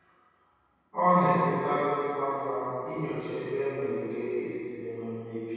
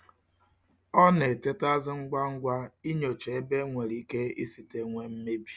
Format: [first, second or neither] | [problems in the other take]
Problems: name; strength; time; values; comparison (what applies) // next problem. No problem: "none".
second | room echo; dies away in 2.2 s